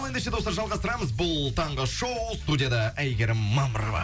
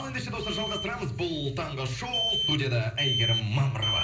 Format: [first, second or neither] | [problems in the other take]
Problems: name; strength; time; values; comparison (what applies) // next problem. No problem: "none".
first | background sound (Alarm); 3 dB below the speech // room echo; dies away in 0.5 s